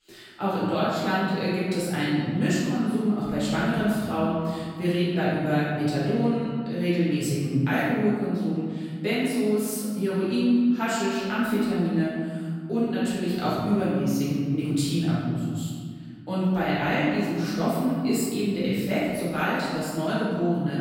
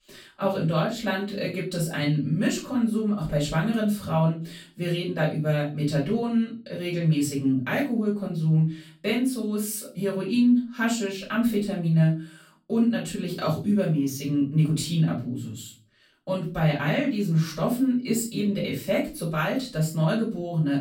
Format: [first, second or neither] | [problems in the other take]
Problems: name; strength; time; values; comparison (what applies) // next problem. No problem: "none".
second | room echo; strong; dies away in 2 s; slight in the second // off-mic speech; far; far in the second